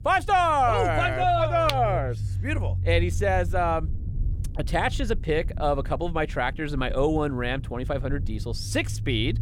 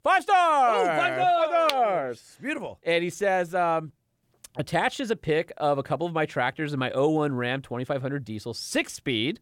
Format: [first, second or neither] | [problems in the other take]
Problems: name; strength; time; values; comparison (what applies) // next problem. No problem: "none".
second | low rumble; faint; throughout; 20 dB below the speech